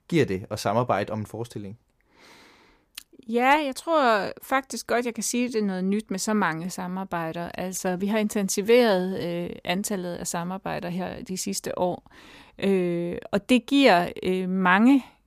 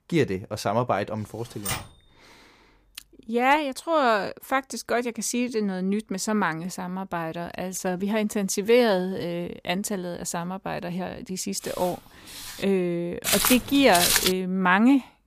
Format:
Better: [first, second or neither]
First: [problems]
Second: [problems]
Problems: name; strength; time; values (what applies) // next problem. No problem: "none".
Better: first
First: none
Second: keyboard typing; noticeable; at 1.5 s; peak 5 dB below the speech // footsteps; faint; from 12 to 13 s; peak 10 dB below the speech // footsteps; loud; from 13 to 14 s; peak 6 dB above the speech